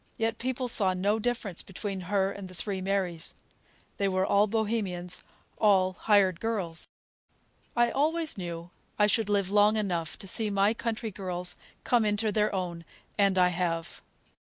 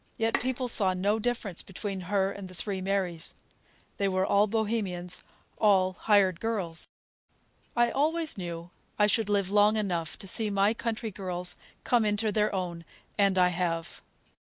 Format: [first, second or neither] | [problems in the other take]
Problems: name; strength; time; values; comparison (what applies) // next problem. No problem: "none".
first | background sound (Bowed string instrument); 10 dB below the speech